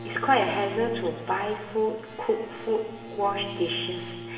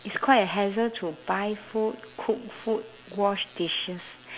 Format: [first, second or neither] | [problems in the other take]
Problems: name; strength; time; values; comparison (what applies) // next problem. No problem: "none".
second | background sound (Bowed string instrument); 11 dB below the speech // room echo; dies away in 2.2 s